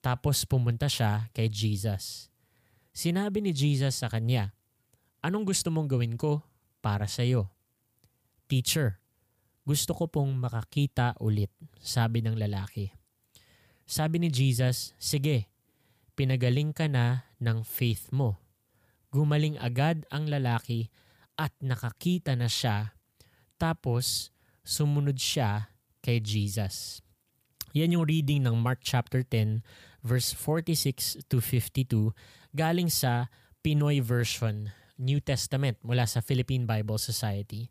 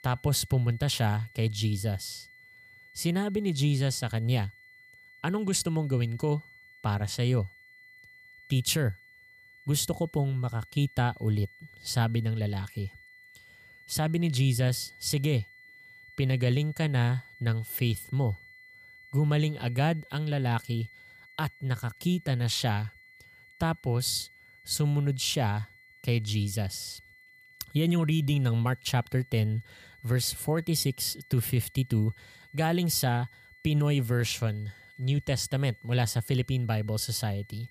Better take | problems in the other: first | high-pitched whine; faint; throughout; 2 kHz, 25 dB below the speech

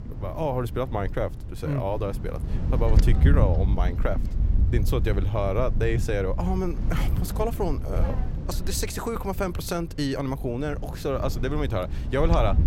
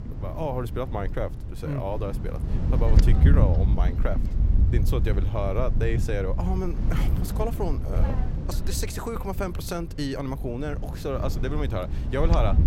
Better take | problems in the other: first | wind noise on the microphone; heavy; 8 dB below the speech; occasional gusts in the first

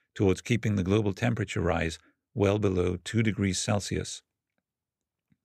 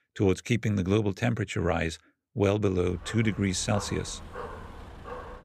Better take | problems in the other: first | dog barking; faint; from 2.5 s on; peak 10 dB below the speech

